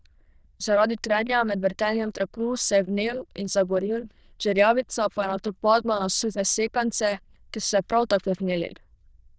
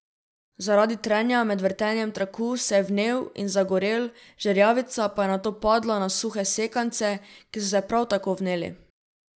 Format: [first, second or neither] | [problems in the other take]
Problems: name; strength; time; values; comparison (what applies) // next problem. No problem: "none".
second | noise reduction (neural diffusion model UNIVERSE++)